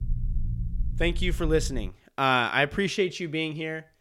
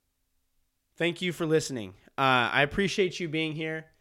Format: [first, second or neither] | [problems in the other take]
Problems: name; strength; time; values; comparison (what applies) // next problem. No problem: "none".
second | low rumble; faint; until 2 s; 25 dB below the speech